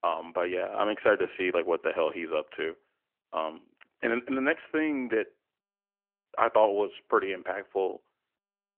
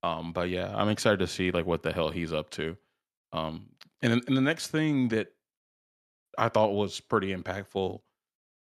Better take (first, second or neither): second